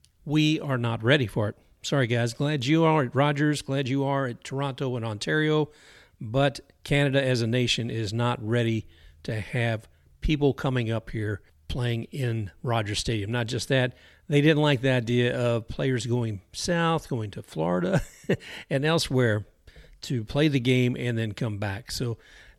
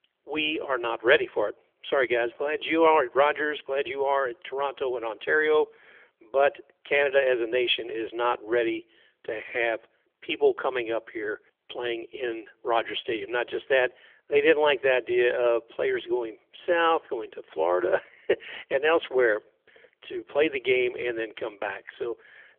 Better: first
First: none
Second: phone-call audio; nothing above 3.5 kHz

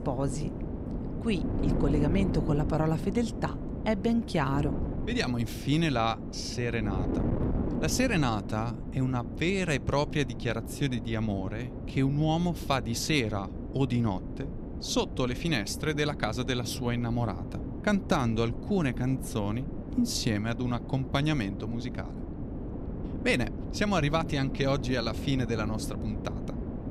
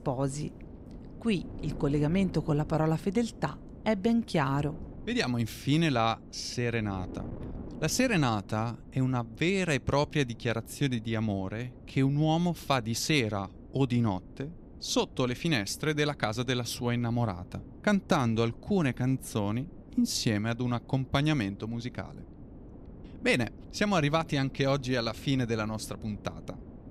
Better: second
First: wind noise on the microphone; heavy; 10 dB below the speech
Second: wind noise on the microphone; occasional gusts; 20 dB below the speech

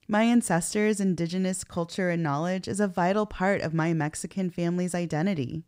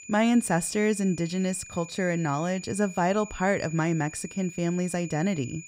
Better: first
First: none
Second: high-pitched whine; noticeable; throughout; 7 kHz, 15 dB below the speech

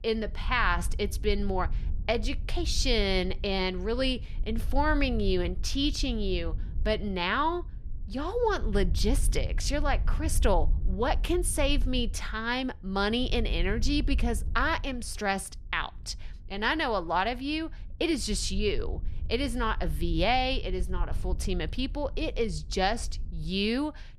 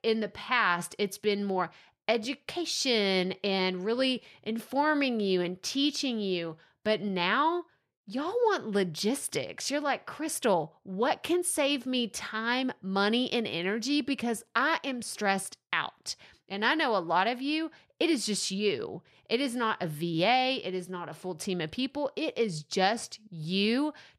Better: second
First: wind noise on the microphone; occasional gusts; 25 dB below the speech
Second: none

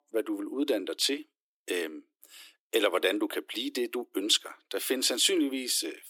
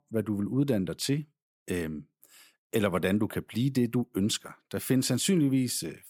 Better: second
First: thin; somewhat; fading below 300 Hz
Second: none

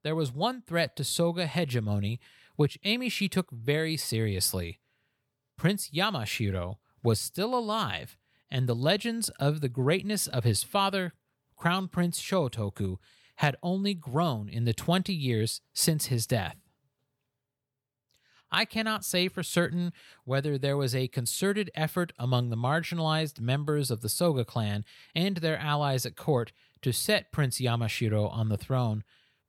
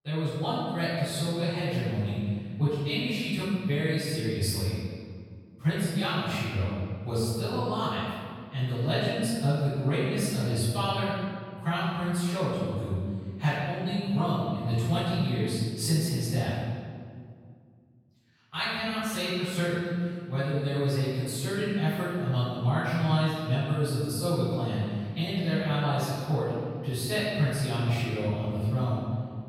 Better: first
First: none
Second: off-mic speech; far // room echo; strong; dies away in 1.9 s

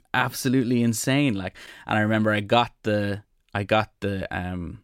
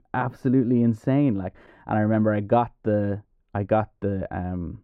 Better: first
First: none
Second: muffled; very; fading above 2 kHz

